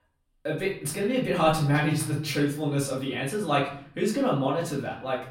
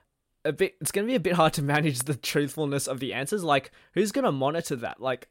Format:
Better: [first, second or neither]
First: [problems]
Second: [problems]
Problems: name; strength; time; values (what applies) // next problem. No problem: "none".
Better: second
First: off-mic speech; far // room echo; slight; dies away in 0.5 s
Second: none